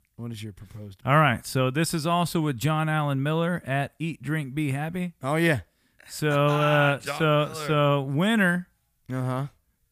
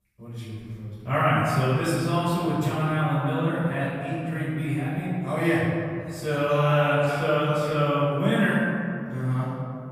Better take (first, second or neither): first